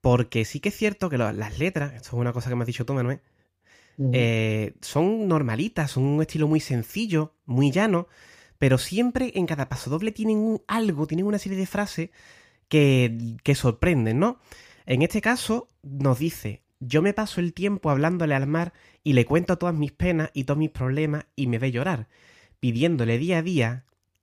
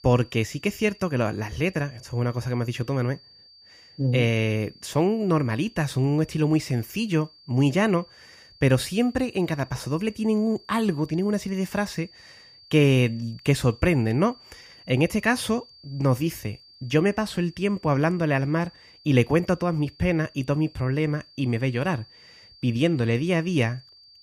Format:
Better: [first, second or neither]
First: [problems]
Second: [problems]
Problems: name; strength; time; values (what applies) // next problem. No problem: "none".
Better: first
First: none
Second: high-pitched whine; faint; throughout; 4.5 kHz, 25 dB below the speech